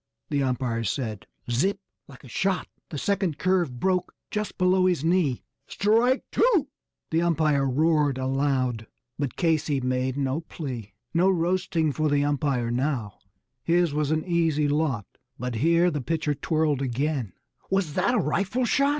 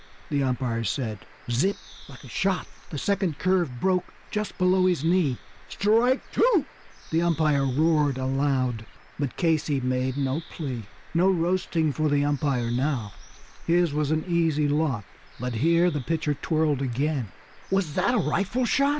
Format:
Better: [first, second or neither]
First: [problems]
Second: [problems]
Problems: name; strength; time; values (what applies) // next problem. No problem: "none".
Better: first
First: none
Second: background sound (Bird); 19 dB below the speech